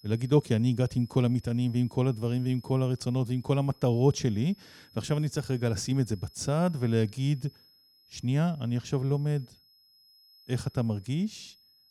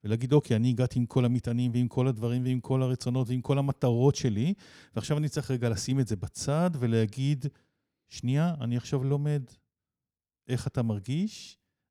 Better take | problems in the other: second | high-pitched whine; faint; throughout; 5 kHz, 30 dB below the speech

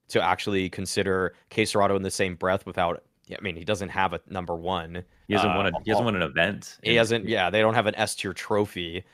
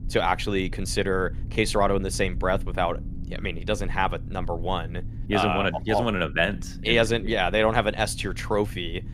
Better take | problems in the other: first | low rumble; faint; throughout; 25 dB below the speech

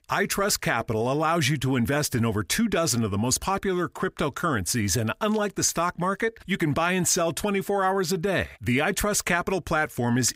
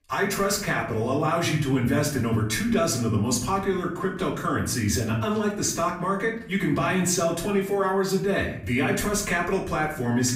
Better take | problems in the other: first | off-mic speech; far // room echo; slight; dies away in 0.6 s

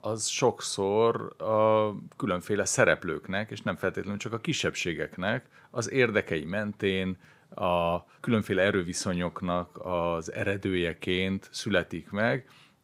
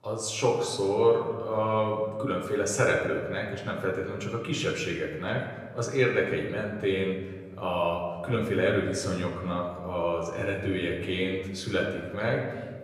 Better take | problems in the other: first | off-mic speech; somewhat distant // room echo; noticeable; dies away in 1.4 s

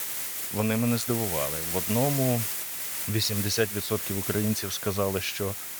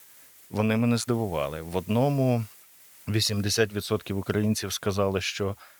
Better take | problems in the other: second | hiss; loud; throughout; 2 dB below the speech; faint in the second

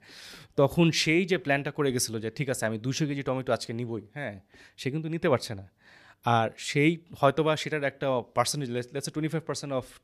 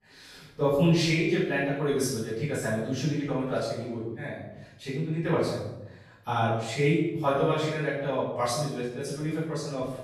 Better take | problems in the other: first | room echo; strong; dies away in 0.8 s // off-mic speech; far

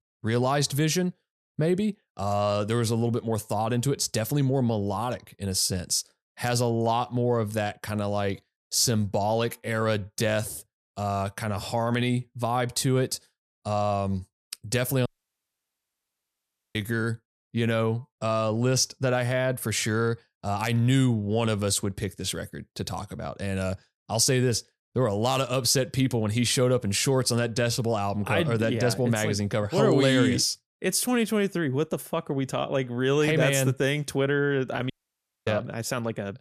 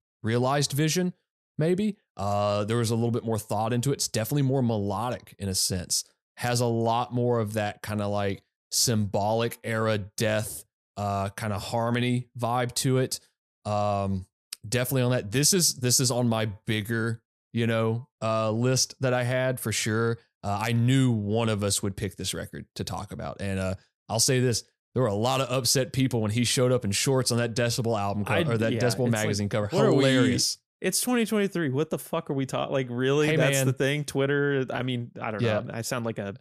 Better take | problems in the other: second | audio cutting out; at 15 s for 1.5 s and at 35 s for 0.5 s

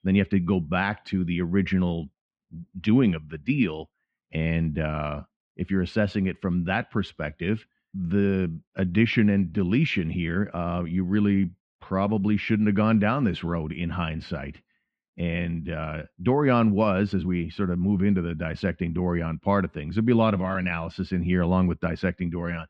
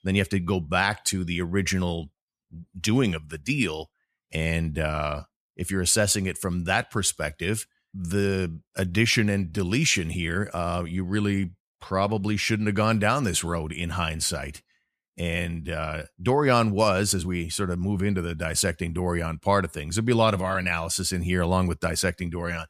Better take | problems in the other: second | muffled; very; fading above 3 kHz

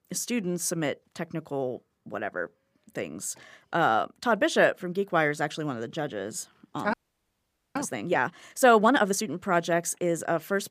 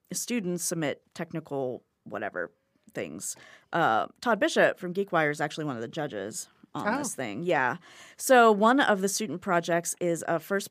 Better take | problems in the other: second | audio freezing; at 7 s for 1 s

